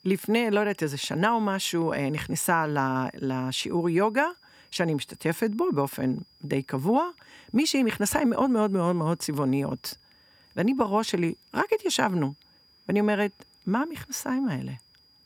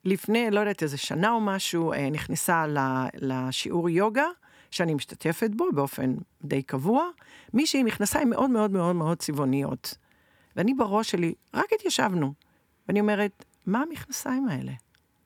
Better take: second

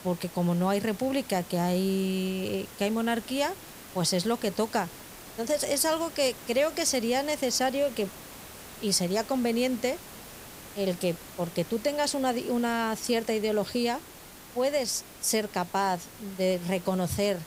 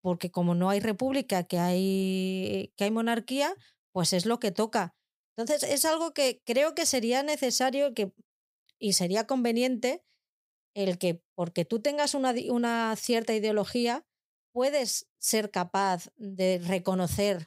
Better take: second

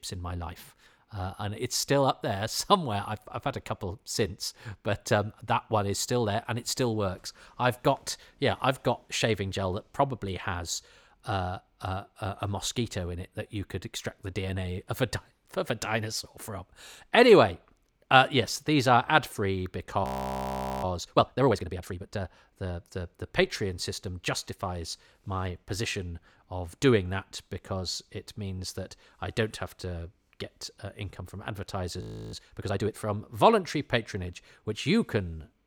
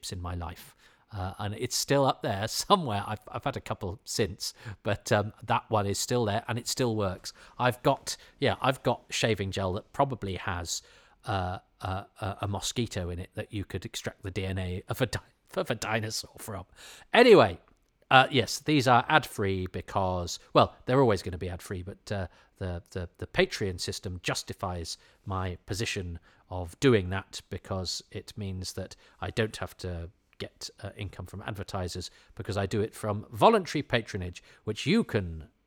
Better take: second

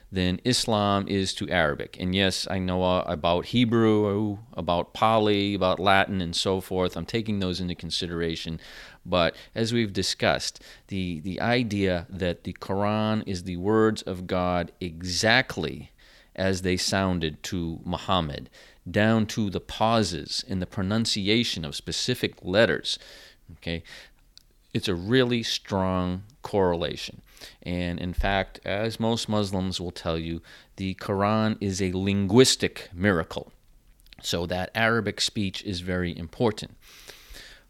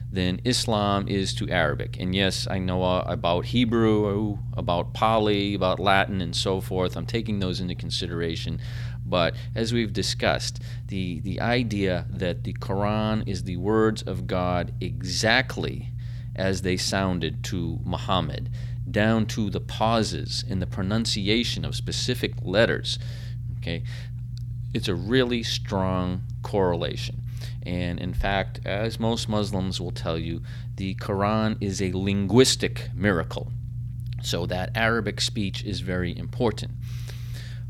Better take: first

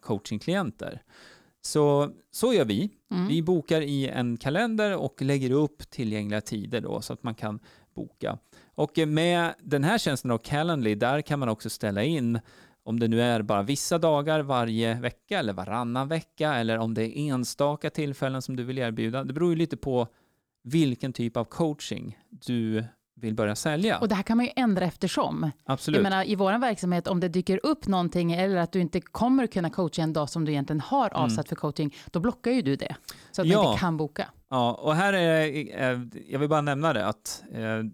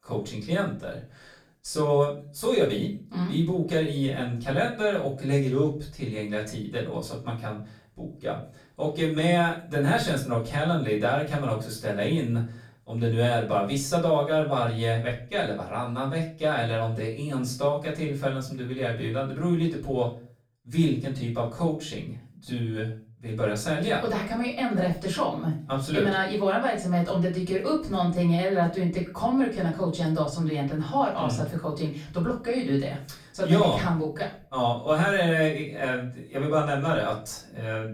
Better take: first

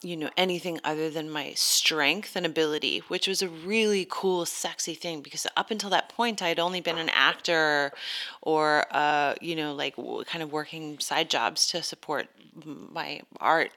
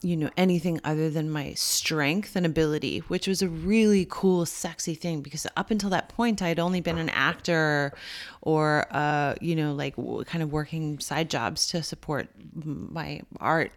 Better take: second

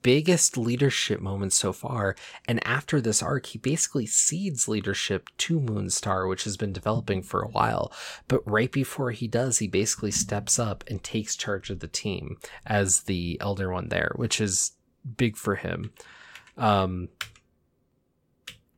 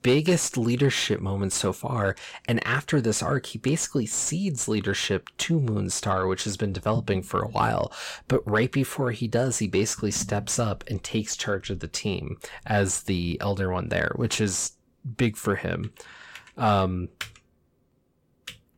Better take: first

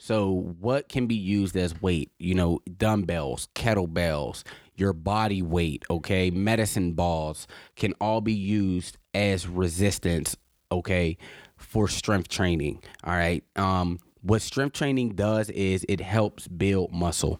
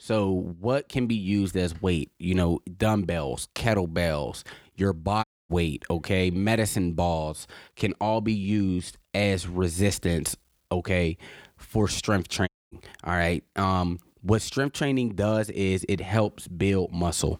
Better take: first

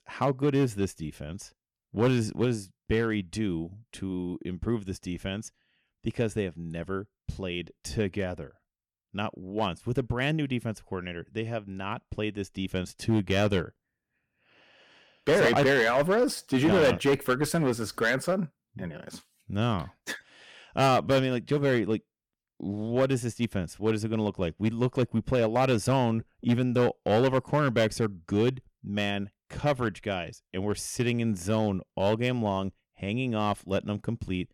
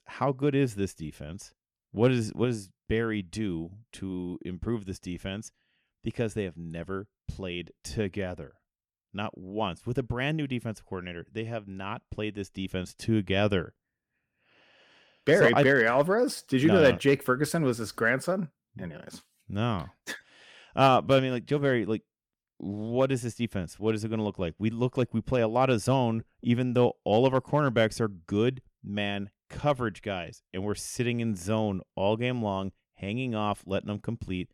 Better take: second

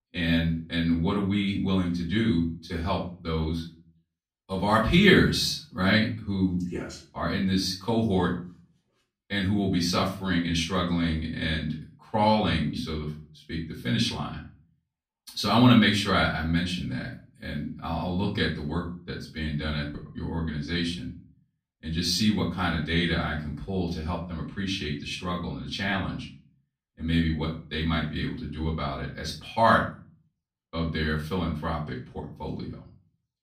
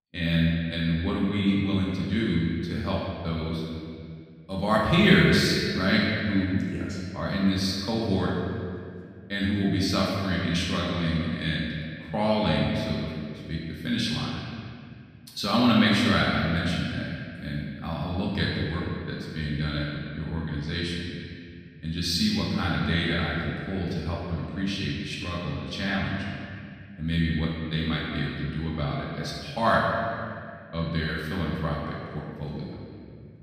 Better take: first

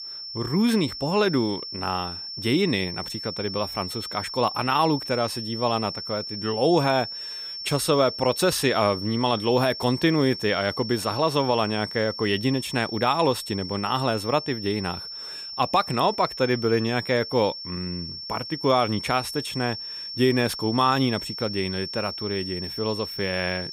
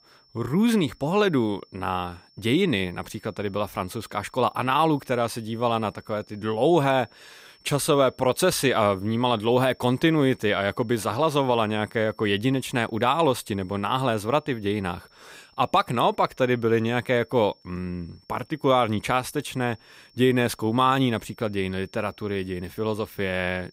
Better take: second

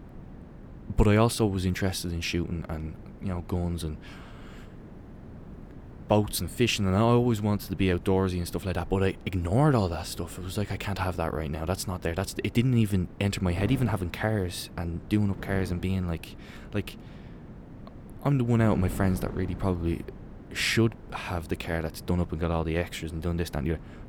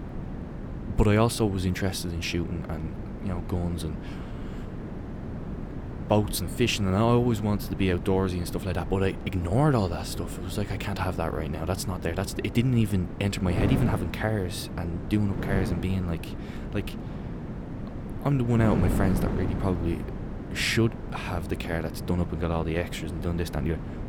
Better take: first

